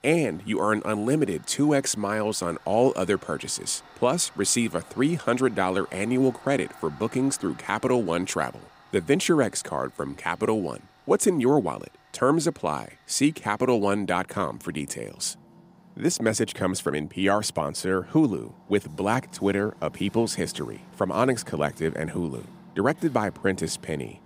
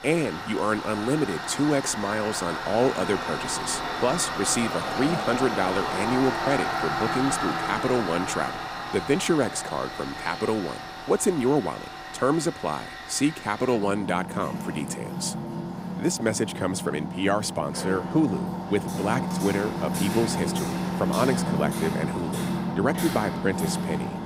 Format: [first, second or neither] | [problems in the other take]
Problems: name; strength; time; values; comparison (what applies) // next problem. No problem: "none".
first | machinery noise; loud; throughout; 4 dB below the speech; faint in the first